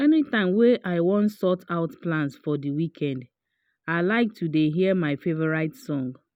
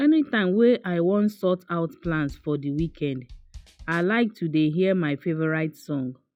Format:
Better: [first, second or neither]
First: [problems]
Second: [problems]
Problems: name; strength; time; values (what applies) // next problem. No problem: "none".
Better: first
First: none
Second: noise reduction (classical method log-MMSE)